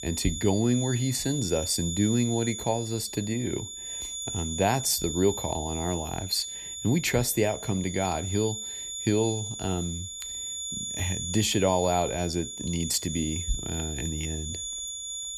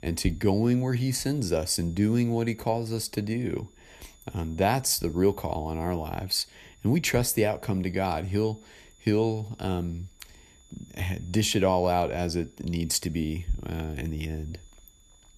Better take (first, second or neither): second